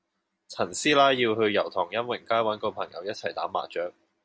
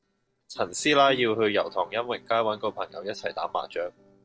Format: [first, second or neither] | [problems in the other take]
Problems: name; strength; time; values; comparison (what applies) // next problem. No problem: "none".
first | noise reduction (neural separator model SepFormer DNS4)